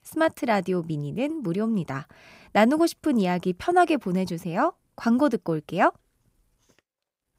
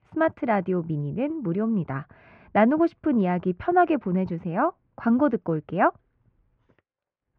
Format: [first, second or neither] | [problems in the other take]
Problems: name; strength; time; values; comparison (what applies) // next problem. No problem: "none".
first | muffled; very; fading above 2 kHz